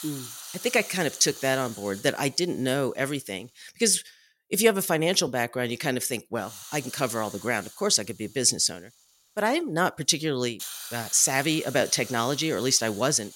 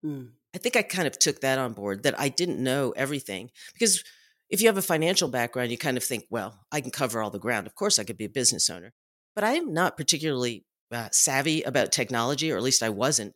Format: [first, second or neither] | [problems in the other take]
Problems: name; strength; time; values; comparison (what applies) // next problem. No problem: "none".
second | hiss; noticeable; until 3.5 s and from 6.5 s on; 15 dB below the speech